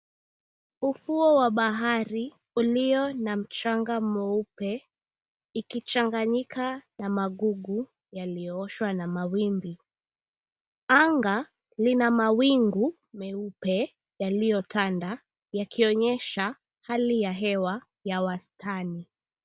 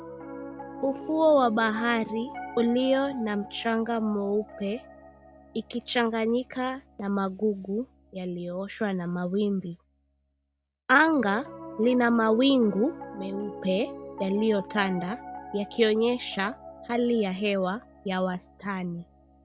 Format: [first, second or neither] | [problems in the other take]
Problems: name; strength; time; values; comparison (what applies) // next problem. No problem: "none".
first | background sound (Piano); 15 dB below the speech